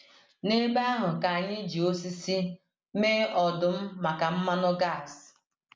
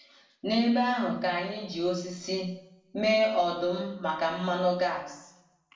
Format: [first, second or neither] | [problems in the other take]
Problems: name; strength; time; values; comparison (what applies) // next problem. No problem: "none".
first | room echo; dies away in 0.6 s